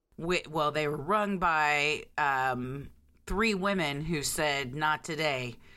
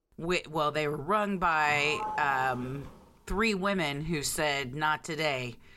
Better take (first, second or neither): first